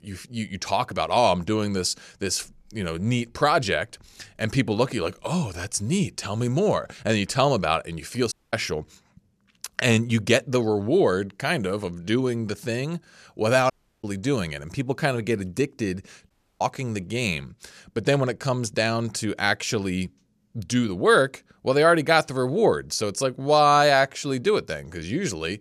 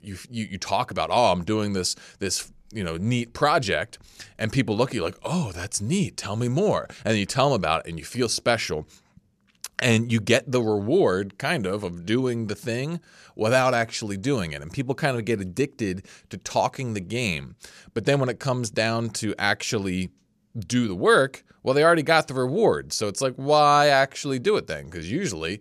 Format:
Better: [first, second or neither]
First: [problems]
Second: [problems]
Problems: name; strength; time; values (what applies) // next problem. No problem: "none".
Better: second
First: audio cutting out; at 8.5 s, at 14 s and at 16 s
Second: none